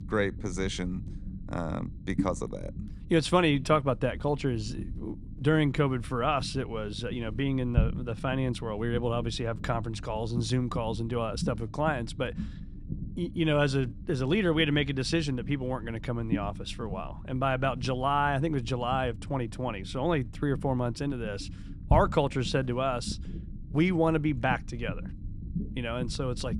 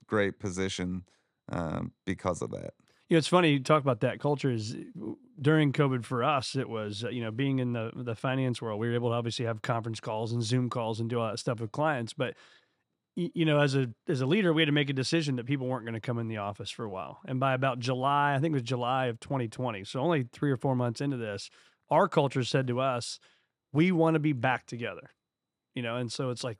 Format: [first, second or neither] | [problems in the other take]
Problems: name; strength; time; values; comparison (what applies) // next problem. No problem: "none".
second | low rumble; noticeable; throughout; 20 dB below the speech